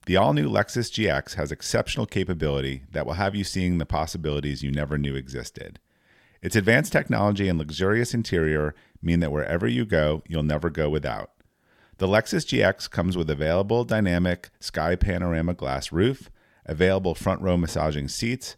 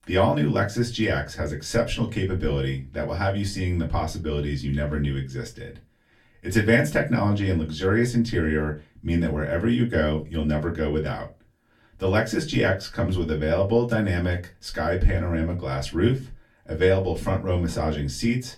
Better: first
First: none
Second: off-mic speech; far // room echo; very slight; dies away in 0.2 s

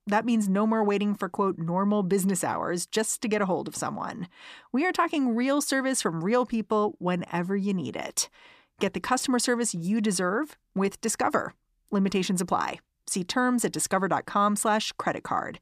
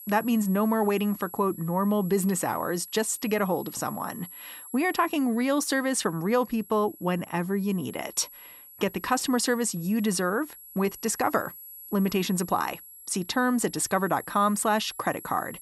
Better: first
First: none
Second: high-pitched whine; noticeable; throughout; 11.5 kHz, 15 dB below the speech

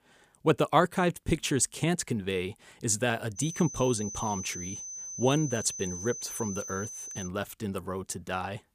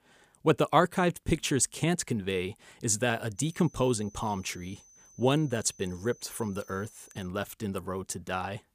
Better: second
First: high-pitched whine; loud; from 3.5 to 7.5 s; 6 kHz, 8 dB below the speech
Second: high-pitched whine; faint; from 3.5 to 7.5 s; 6 kHz, 25 dB below the speech

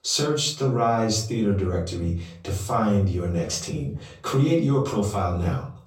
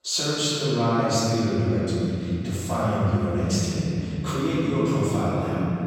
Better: first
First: room echo; slight; dies away in 0.4 s // off-mic speech; far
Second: room echo; strong; dies away in 3 s // off-mic speech; far

